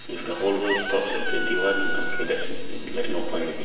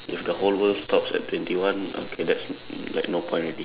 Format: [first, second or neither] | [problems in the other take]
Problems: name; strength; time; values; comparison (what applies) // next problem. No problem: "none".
second | background sound (Chicken, rooster); 8 dB below the speech // room echo; dies away in 1.2 s